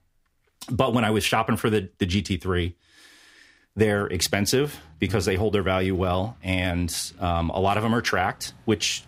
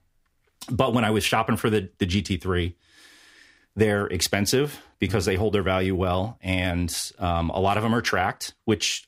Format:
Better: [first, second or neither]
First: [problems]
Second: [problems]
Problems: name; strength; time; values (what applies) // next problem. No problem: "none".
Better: second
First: traffic noise; faint; from 4 s on; 30 dB below the speech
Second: none